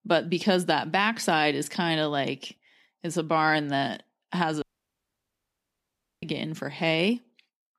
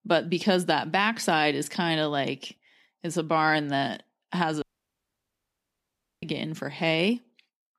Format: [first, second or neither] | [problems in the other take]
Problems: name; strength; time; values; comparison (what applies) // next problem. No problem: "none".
neither | audio cutting out; at 4.5 s for 1.5 s; the same in both